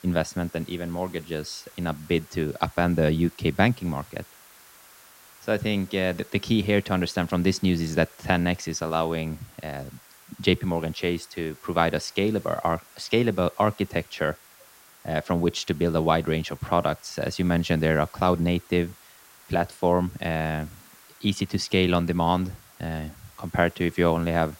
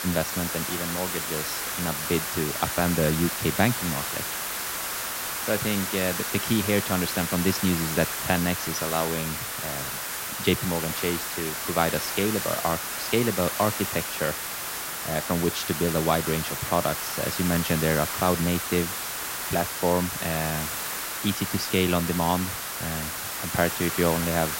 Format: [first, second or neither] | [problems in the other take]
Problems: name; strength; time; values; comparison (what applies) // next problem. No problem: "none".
first | hiss; loud; throughout; 2 dB below the speech; faint in the first